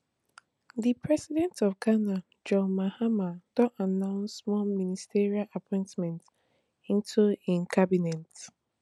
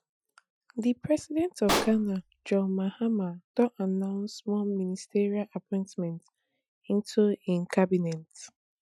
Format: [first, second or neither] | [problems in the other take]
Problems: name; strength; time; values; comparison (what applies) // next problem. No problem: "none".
first | noise reduction (classical method Wiener filter)